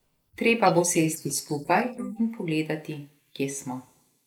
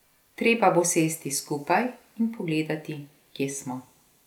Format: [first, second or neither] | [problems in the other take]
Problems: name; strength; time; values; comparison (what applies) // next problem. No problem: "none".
second | noise reduction (neural mask model Resemble Enhance denoiser)